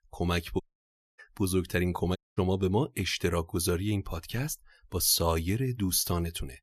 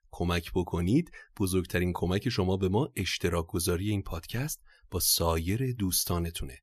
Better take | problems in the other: second | audio cutting out; at 0.5 s for 0.5 s and at 2 s

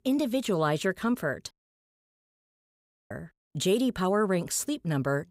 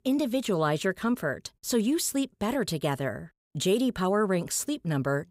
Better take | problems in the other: second | audio cutting out; at 1.5 s for 1.5 s

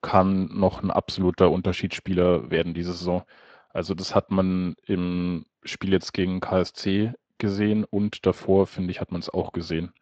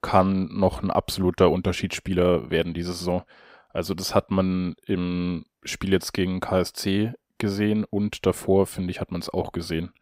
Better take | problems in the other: second | garbled, watery; slightly; nothing above 7.5 kHz

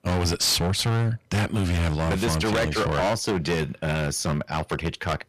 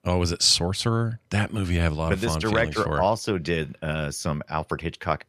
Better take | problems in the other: second | distortion; heavy; 23% of the sound clipped

